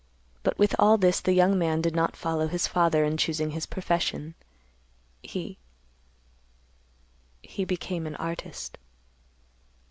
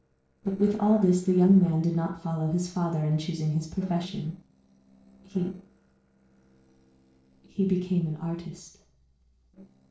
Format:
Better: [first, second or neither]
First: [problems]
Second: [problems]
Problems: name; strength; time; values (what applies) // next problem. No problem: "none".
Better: first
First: none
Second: noise reduction (neural separator model SepFormer DNS4)